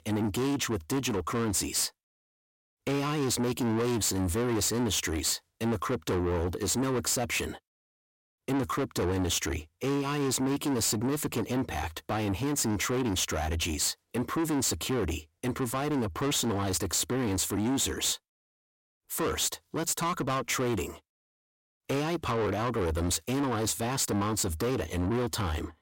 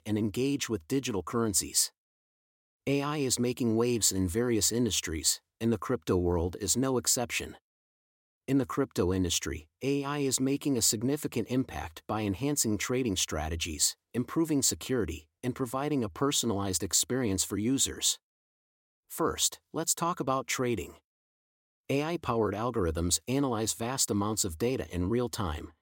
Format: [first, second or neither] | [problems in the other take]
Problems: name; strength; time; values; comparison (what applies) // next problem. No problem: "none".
second | distortion; heavy; 6 dB below the speech